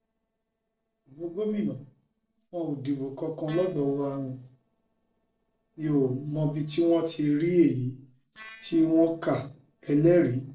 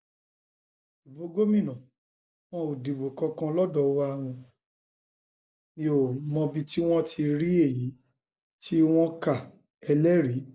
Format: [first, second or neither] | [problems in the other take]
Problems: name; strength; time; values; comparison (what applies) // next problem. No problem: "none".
second | noise reduction (neural separator model SepFormer DNS4)